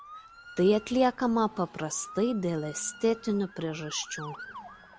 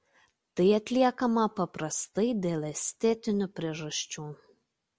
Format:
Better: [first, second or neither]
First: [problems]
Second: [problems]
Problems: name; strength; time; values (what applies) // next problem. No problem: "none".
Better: second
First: background sound (Motor vehicle (road) / Siren); 17 dB below the speech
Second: none